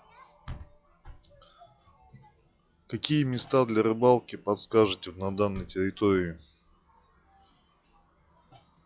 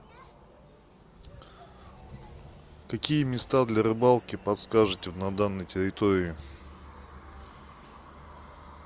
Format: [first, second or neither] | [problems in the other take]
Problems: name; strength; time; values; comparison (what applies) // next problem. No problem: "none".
second | noise reduction (classical method log-MMSE)